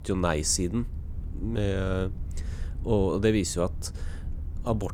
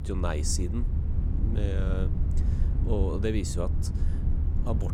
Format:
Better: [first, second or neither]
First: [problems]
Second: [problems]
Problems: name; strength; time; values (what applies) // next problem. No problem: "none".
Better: first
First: low rumble; faint; throughout; 25 dB below the speech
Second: low rumble; loud; throughout; 8 dB below the speech